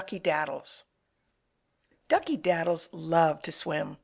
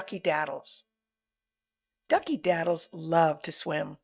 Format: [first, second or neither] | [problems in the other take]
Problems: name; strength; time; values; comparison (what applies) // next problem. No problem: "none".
first | noise reduction (neural mask model DeepFilterNet 3)